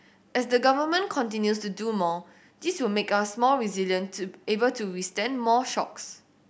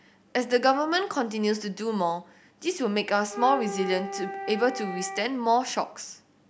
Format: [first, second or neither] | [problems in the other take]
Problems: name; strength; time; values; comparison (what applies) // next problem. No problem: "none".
first | background sound (Wind instrument, woodwind instrument); 9 dB below the speech